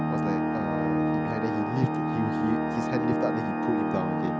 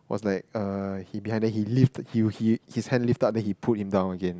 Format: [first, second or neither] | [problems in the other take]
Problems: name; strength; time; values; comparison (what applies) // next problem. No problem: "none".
second | background sound (Organ); 5 dB above the speech